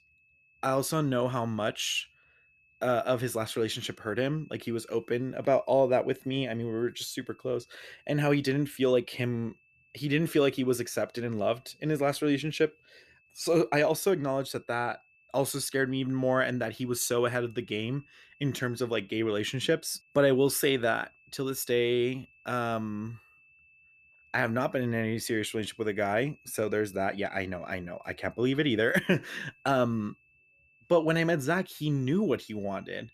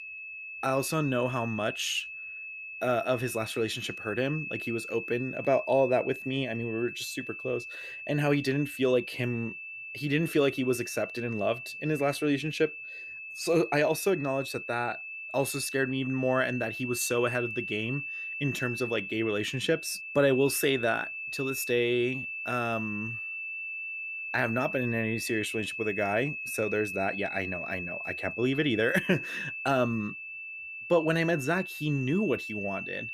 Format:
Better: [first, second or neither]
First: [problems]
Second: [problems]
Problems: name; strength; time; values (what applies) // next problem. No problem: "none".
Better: first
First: high-pitched whine; faint; throughout; 2.5 kHz, 30 dB below the speech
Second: high-pitched whine; loud; throughout; 2.5 kHz, 7 dB below the speech